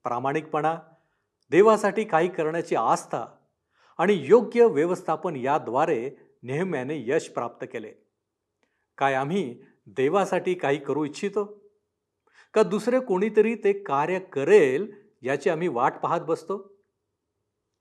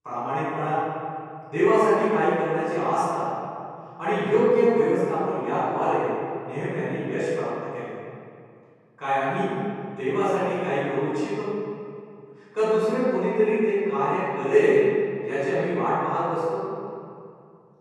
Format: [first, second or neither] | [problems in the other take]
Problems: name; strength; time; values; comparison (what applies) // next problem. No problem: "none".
first | room echo; strong; dies away in 2.3 s // off-mic speech; far